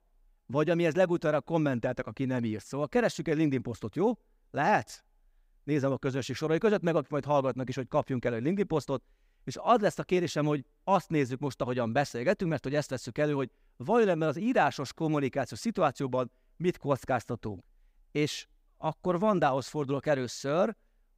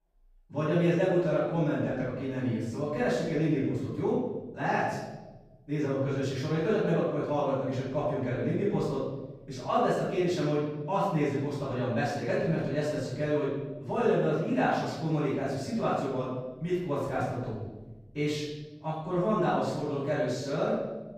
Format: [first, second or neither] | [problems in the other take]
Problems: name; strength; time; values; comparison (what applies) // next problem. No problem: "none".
first | off-mic speech; far // room echo; strong; dies away in 1.1 s